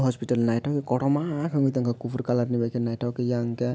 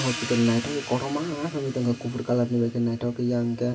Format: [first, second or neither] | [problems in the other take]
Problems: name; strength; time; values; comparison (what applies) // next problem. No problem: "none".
first | background sound (Hi-hat); 13 dB below the speech // room echo; dies away in 2.5 s